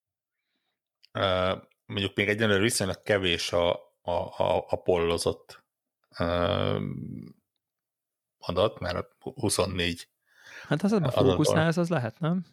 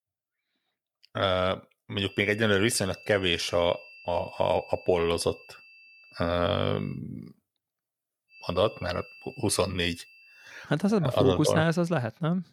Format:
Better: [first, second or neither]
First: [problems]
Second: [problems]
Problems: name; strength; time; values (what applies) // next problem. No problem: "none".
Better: first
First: none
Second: high-pitched whine; faint; from 2 to 7 s and from 8.5 to 11 s; 2.5 kHz, 20 dB below the speech